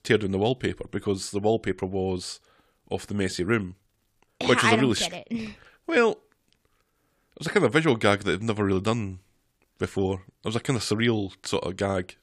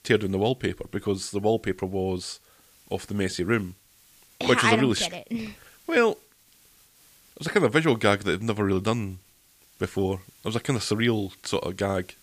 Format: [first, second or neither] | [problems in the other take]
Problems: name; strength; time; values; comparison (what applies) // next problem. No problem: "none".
first | hiss; faint; throughout; 30 dB below the speech